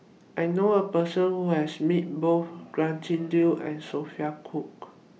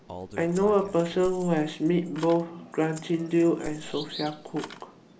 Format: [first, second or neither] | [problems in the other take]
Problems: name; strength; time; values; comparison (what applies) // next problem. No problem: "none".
first | background sound (Bird vocalization, bird call, bird song + Keys jangling); 16 dB below the speech